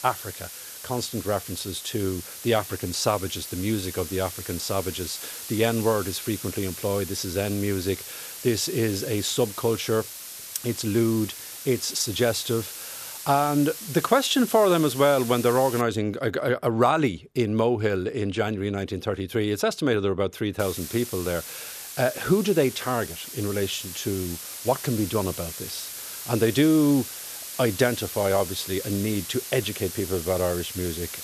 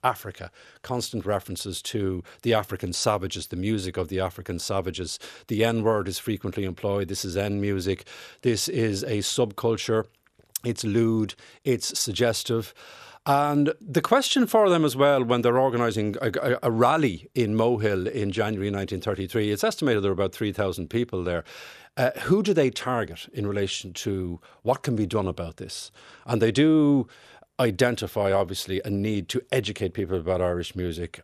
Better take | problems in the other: second | hiss; loud; until 16 s and from 21 s on; 9 dB below the speech

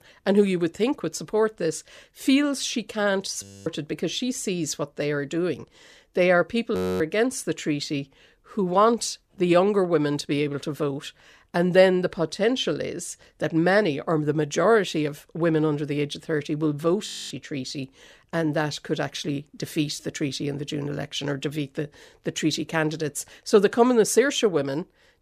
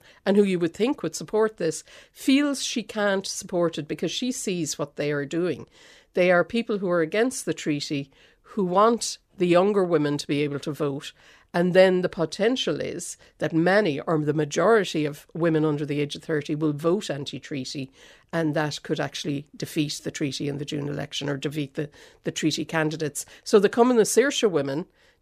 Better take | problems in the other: second | audio freezing; at 3.5 s, at 7 s and at 17 s

